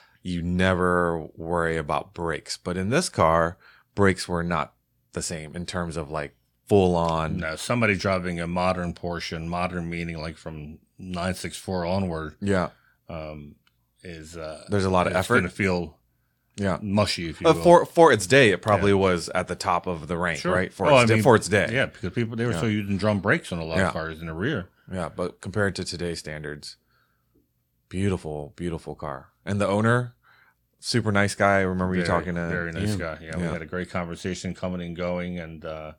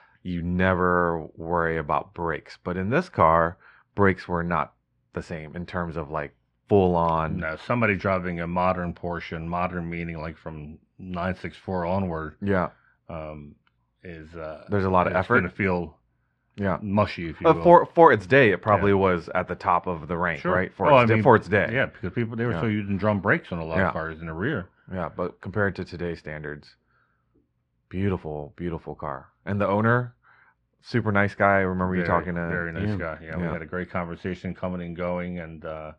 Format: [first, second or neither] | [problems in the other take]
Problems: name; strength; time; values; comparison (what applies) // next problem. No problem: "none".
first | muffled; very; fading above 2 kHz